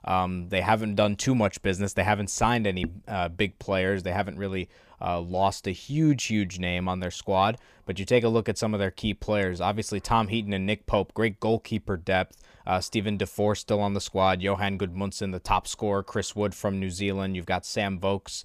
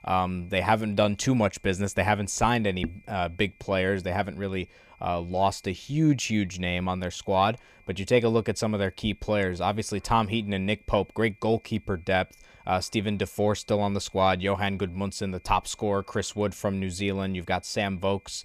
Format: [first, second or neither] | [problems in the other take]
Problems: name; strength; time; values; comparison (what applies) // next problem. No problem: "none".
first | high-pitched whine; faint; throughout; 2.5 kHz, 30 dB below the speech